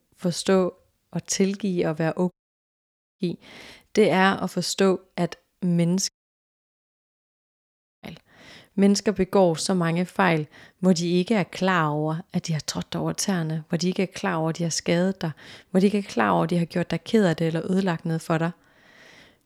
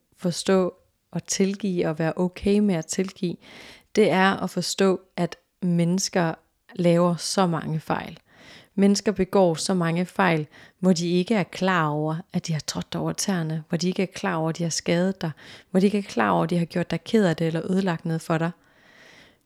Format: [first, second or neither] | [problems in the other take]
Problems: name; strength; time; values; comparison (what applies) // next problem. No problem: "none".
second | audio cutting out; at 2.5 s for 1 s and at 6 s for 2 s